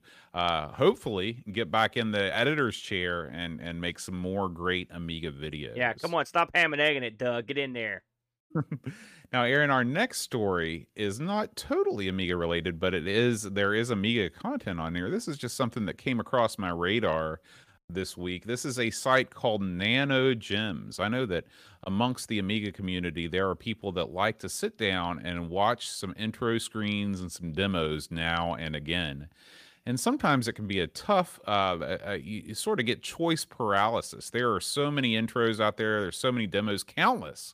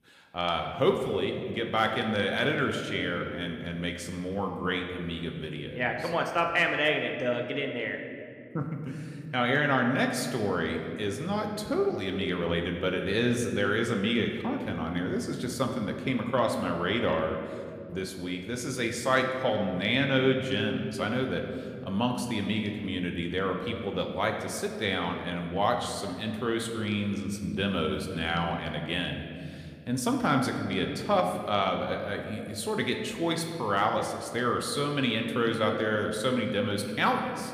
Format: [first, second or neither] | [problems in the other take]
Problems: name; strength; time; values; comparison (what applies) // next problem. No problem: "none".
first | room echo; slight; dies away in 2 s